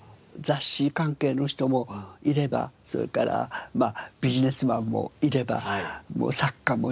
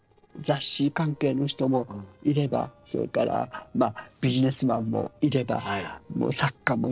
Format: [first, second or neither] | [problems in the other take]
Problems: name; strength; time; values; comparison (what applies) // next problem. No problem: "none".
first | noise reduction (neural separator model SepFormer DNS4)